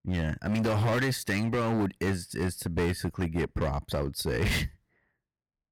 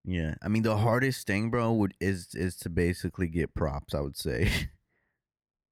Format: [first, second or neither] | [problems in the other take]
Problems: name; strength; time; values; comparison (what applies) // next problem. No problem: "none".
second | distortion; heavy; 15% of the sound clipped